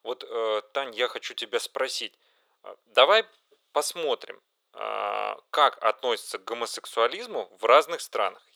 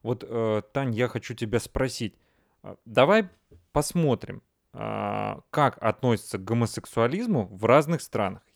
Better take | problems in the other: second | thin; very; fading below 450 Hz

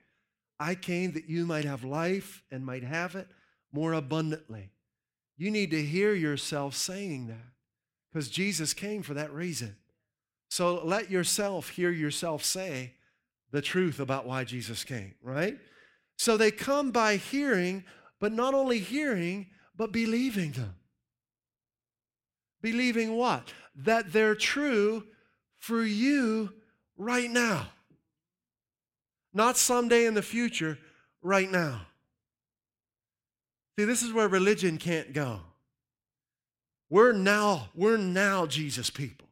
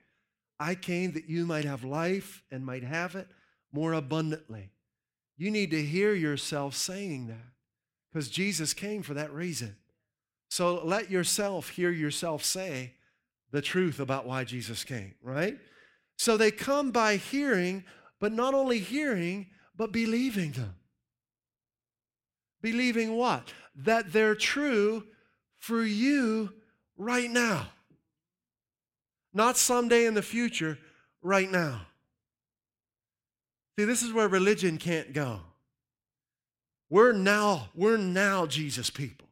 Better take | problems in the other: neither | none

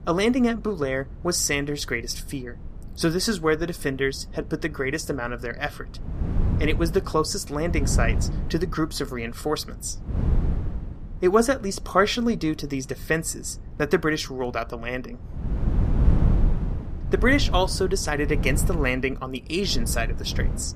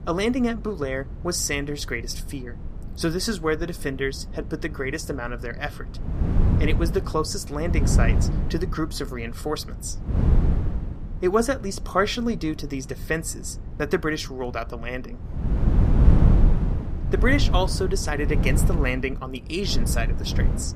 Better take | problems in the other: first | wind noise on the microphone; heavy; 8 dB below the speech; occasional gusts in the first

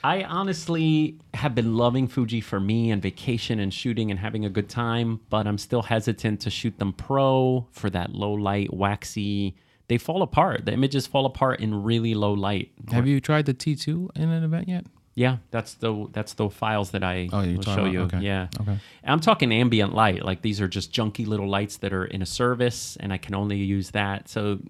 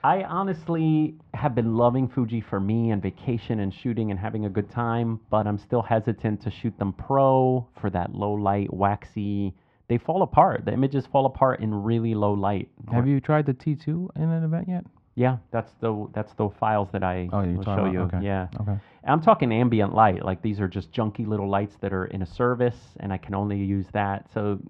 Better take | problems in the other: first | muffled; very; fading above 1.5 kHz

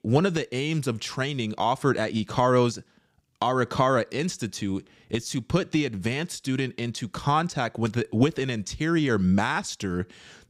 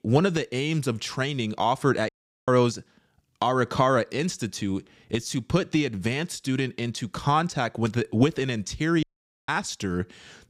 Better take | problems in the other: first | audio cutting out; at 2 s and at 9 s

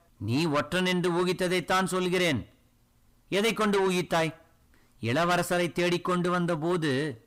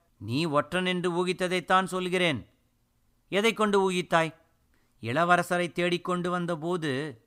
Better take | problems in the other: second | distortion; heavy; 7 dB below the speech

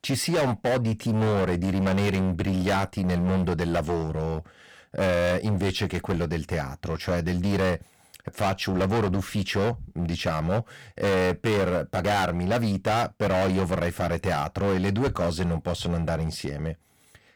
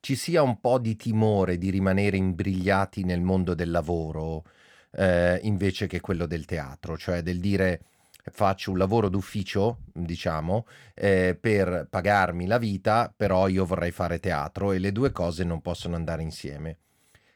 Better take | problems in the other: second | distortion; heavy; 19% of the sound clipped

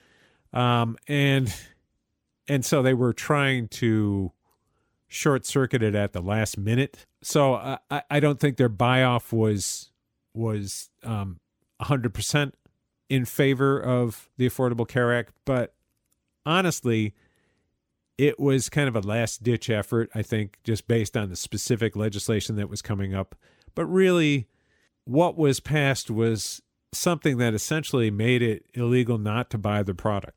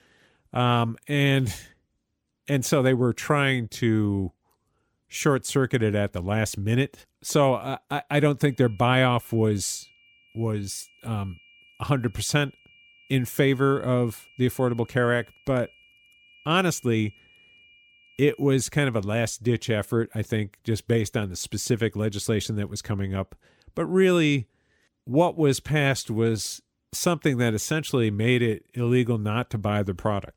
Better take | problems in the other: first | high-pitched whine; faint; from 8.5 to 18 s; 2.5 kHz, 30 dB below the speech

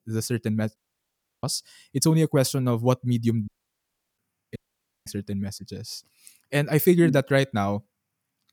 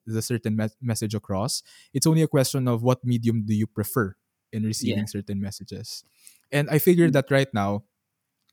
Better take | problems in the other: second | audio cutting out; at 1 s for 0.5 s, at 3.5 s for 0.5 s and at 4.5 s for 0.5 s

